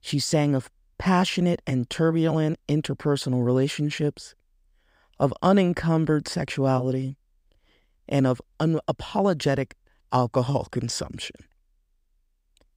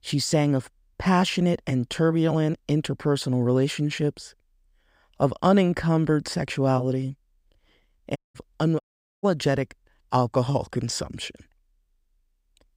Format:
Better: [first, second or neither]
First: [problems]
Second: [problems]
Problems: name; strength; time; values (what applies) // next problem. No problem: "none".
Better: first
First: none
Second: audio cutting out; at 8 s and at 9 s